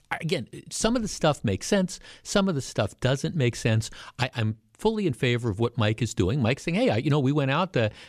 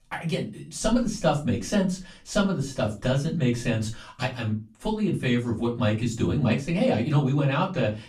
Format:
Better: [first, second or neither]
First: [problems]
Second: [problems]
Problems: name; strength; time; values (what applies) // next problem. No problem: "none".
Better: first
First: none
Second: off-mic speech; far // room echo; very slight; dies away in 0.3 s